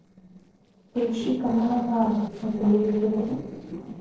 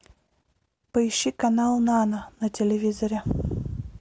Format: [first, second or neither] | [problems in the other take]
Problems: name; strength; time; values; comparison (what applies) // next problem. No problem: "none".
second | noise reduction (neural separator model SepFormer DNS4)